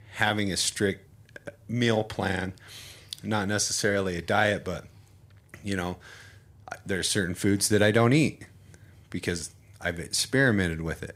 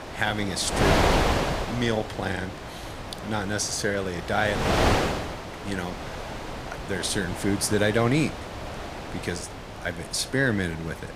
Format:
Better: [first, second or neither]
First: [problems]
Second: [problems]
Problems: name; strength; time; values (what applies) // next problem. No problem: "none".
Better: first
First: none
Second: wind noise on the microphone; heavy; 1 dB below the speech